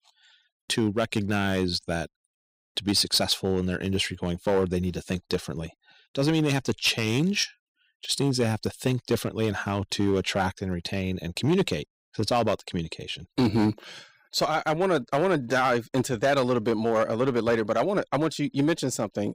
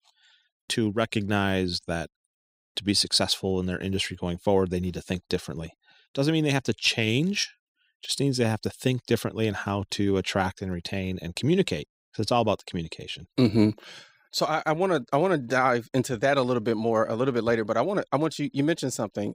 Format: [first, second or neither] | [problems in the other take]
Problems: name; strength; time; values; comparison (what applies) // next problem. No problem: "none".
second | distortion; slight; 4% of the sound clipped